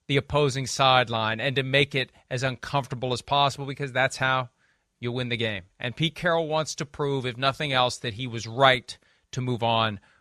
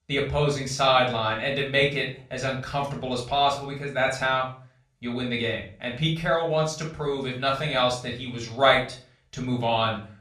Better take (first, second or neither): first